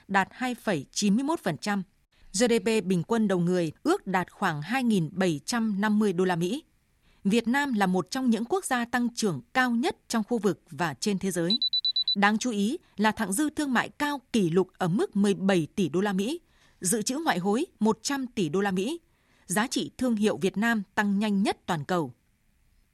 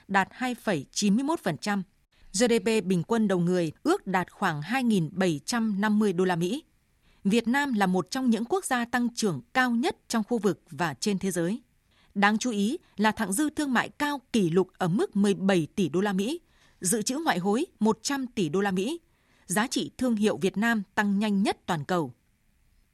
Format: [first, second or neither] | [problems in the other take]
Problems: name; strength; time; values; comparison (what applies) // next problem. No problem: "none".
second | alarm; loud; at 12 s; peak 4 dB above the speech